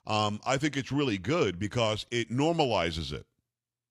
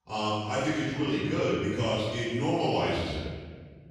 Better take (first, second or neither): first